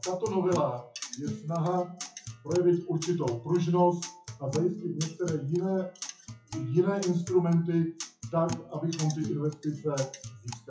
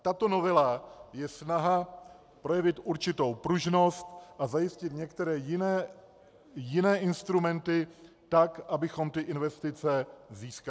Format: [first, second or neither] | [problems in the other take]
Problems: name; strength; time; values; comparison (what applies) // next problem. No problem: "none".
second | noise reduction (classical method WPE with log-MMSE)